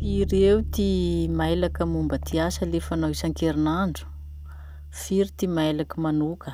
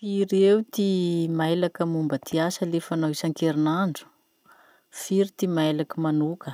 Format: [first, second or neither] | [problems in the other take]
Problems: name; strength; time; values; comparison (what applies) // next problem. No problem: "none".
second | background sound (Bass guitar); 8 dB below the speech